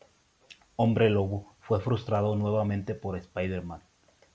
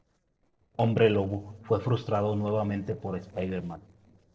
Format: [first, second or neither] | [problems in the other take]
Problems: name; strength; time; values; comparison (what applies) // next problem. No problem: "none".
first | noise reduction (neural separator model SepFormer DNS4)